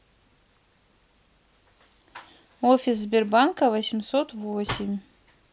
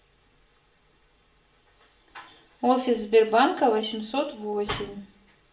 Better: first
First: none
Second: room echo; dies away in 0.4 s

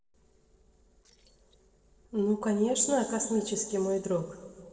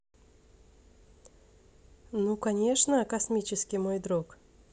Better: second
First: noise reduction (neural separator model SepFormer DNS4)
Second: none

